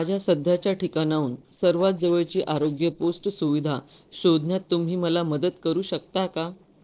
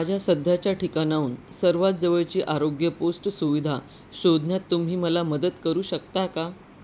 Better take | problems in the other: second | noise reduction (neural separator model SepFormer DNS4)

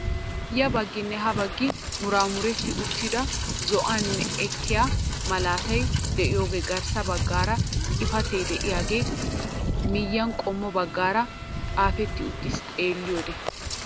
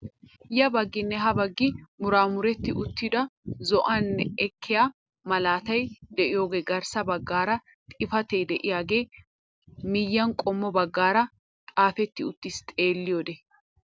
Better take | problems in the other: second | background sound (Rain); 1 dB below the speech

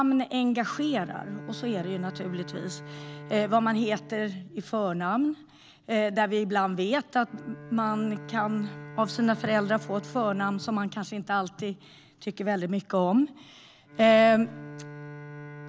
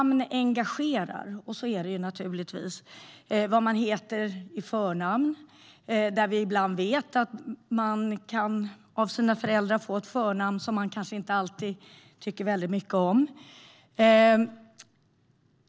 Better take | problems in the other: second | background sound (Bowed string instrument); 17 dB below the speech

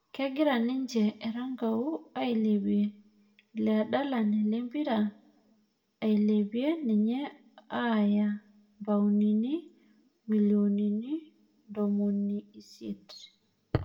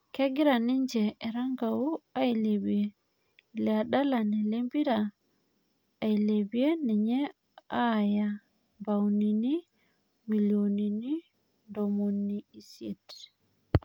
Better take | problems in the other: second | room echo; dies away in 0.4 s

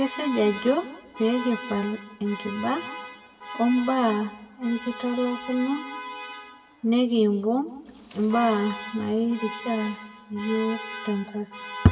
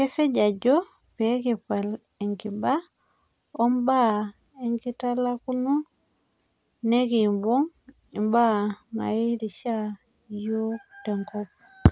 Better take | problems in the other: second | background sound (Alarm); 12 dB below the speech // room echo; dies away in 1.1 s

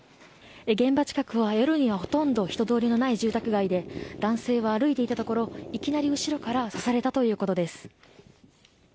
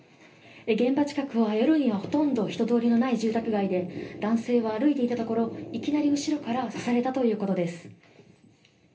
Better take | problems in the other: first | room echo; dies away in 0.3 s

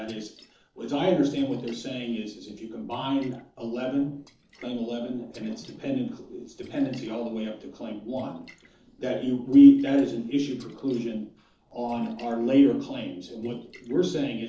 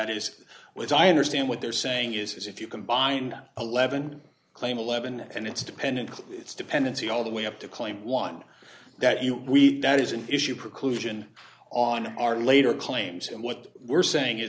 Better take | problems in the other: second | noise reduction (neural separator model SepFormer DNS4)

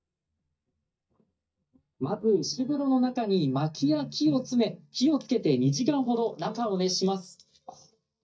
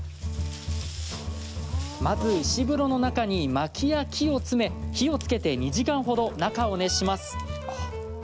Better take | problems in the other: second | noise reduction (neural mask model DeepFilterNet 3)

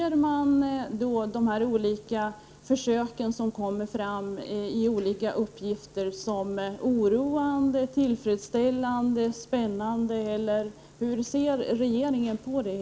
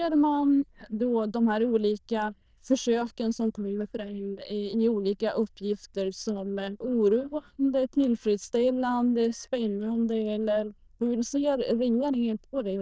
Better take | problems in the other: first | noise reduction (neural diffusion model UNIVERSE++)

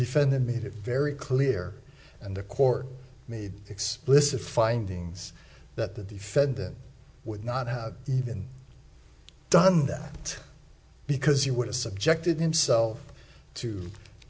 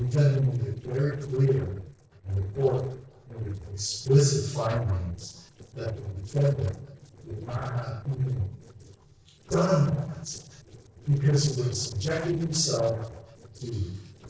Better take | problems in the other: first | noise reduction (neural separator model SepFormer DNS4)

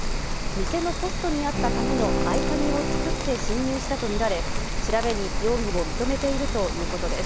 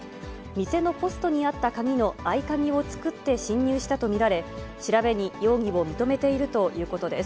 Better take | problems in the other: second | background sound (Rain + Bowed string instrument); 2 dB above the speech

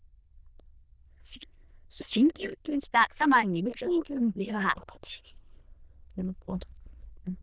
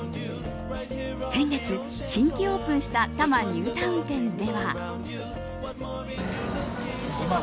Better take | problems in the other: second | noise reduction (neural diffusion model UNIVERSE++)

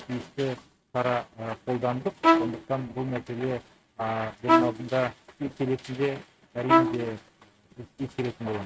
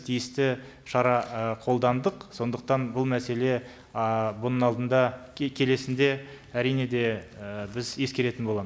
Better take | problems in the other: second | noise reduction (neural mask model RNNoise)

